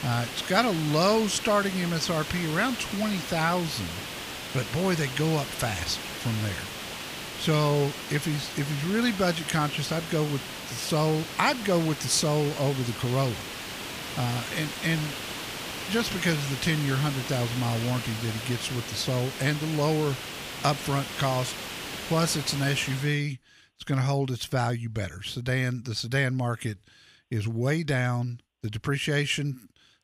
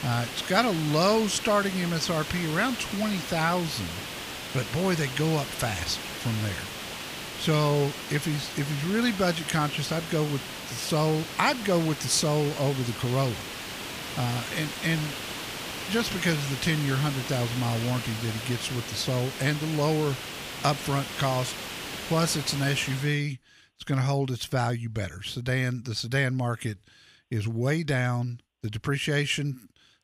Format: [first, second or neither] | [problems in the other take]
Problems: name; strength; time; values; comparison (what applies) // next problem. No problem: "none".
neither | hiss; loud; until 23 s; 7 dB below the speech; the same in both